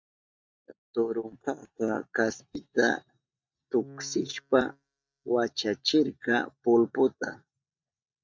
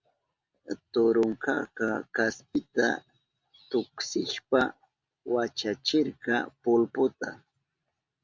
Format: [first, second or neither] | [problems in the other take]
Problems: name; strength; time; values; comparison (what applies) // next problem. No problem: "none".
second | noise reduction (neural mask model DeepFilterNet 3)